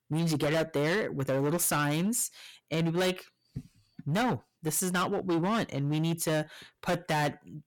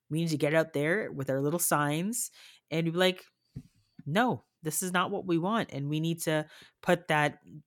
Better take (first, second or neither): second